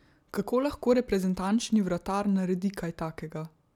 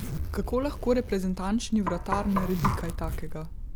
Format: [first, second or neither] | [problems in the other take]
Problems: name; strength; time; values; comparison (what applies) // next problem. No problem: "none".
first | background sound (Knock + Zipper (clothing)); 2 dB below the speech